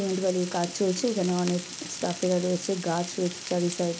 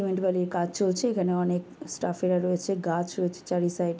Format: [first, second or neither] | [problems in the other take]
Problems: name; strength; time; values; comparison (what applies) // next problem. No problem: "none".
second | background sound (Frying (food)); 11 dB below the speech